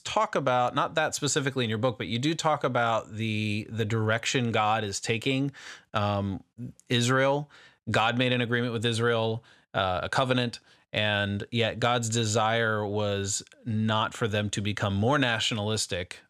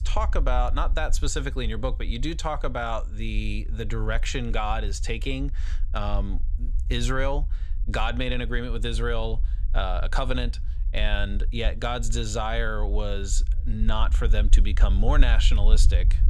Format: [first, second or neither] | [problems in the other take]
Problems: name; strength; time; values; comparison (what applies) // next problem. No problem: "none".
first | low rumble; faint; throughout; 20 dB below the speech